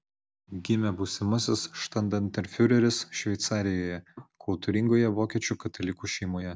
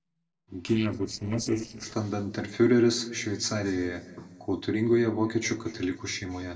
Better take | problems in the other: first | noise reduction (neural separator model SepFormer DNS4)

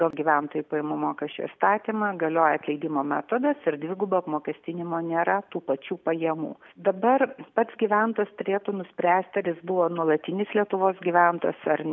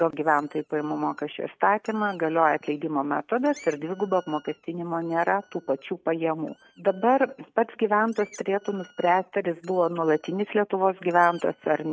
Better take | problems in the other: first | noise reduction (neural mask model RNNoise)

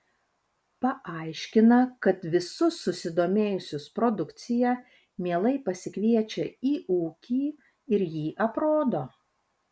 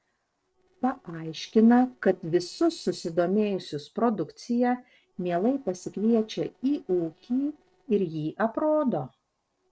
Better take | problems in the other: first | noise reduction (neural separator model SepFormer DNS4)

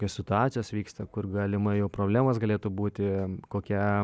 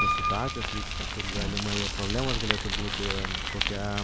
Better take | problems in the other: first | background sound (Piano + Bicycle); 4 dB above the speech

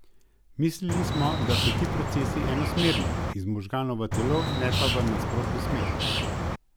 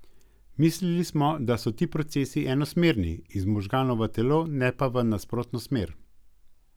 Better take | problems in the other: second | background sound (Bird); 3 dB above the speech

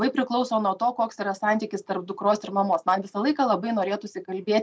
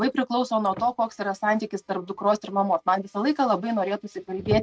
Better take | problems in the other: first | noise reduction (neural mask model RNNoise)

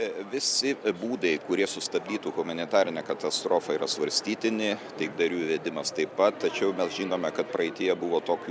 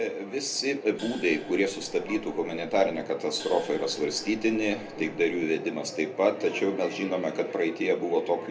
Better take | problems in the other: first | background sound (Gong); 20 dB below the speech // room echo; dies away in 0.3 s

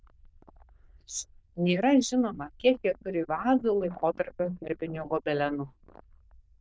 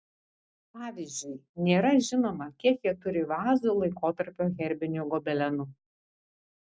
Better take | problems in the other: second | noise reduction (neural diffusion model UNIVERSE++)

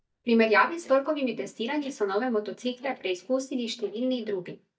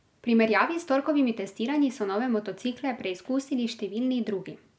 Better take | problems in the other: second | noise reduction (neural mask model DeepFilterNet 3)

